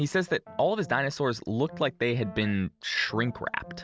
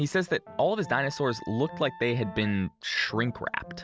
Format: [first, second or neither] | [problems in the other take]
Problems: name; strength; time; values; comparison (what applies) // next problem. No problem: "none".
first | background sound (Wind instrument, woodwind instrument); 20 dB below the speech